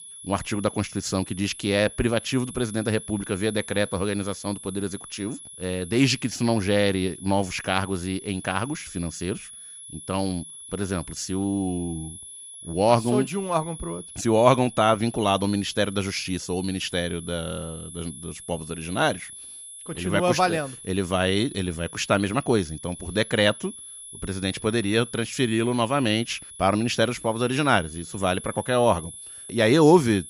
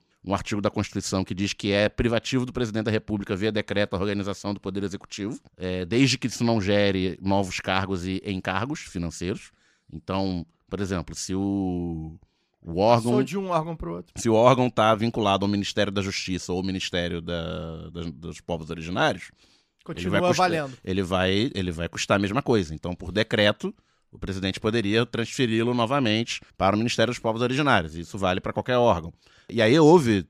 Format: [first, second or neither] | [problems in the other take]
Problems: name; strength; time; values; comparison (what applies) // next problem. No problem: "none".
second | high-pitched whine; noticeable; throughout; 10.5 kHz, 15 dB below the speech